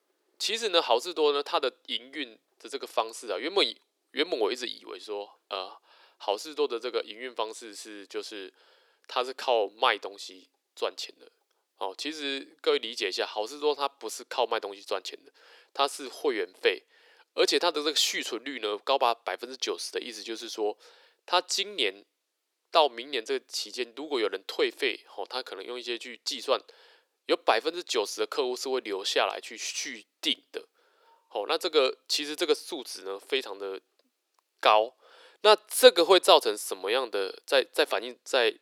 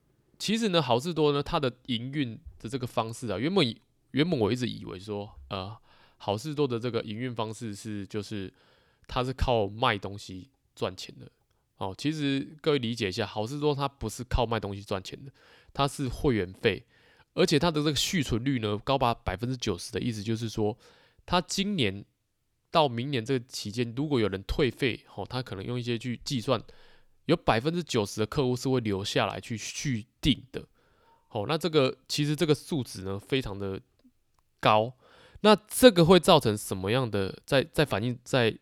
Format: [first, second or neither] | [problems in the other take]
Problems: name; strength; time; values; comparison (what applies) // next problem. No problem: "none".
second | thin; very; fading below 350 Hz